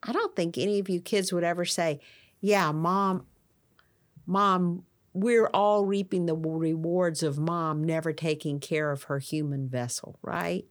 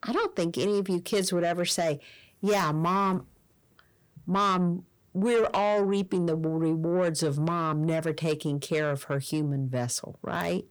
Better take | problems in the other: first | distortion; slight; 10 dB below the speech

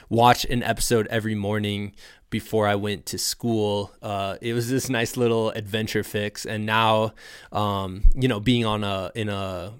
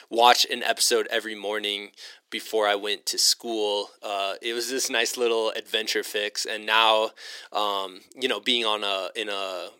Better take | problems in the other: first | thin; very; fading below 350 Hz

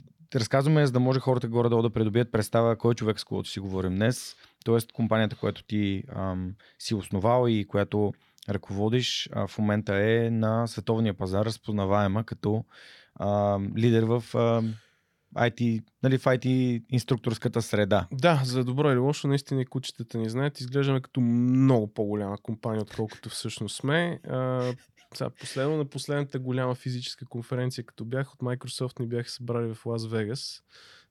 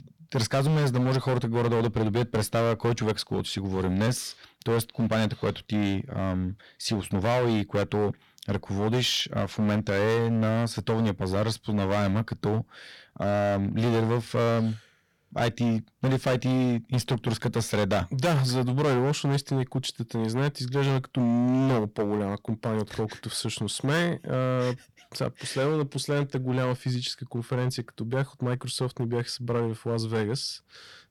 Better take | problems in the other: first | distortion; heavy; 14% of the sound clipped

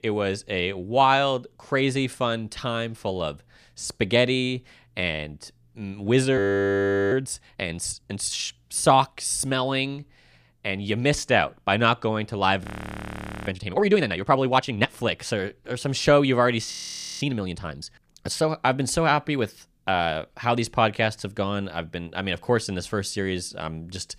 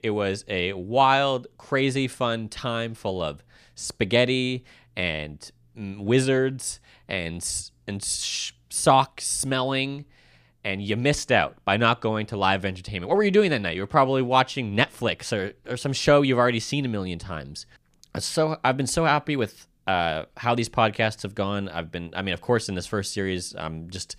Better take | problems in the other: second | audio freezing; at 6.5 s for 0.5 s, at 13 s for 1 s and at 17 s

